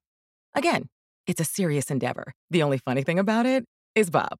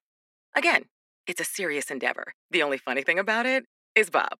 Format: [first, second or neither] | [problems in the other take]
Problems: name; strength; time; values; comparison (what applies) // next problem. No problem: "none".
first | thin; somewhat; fading below 300 Hz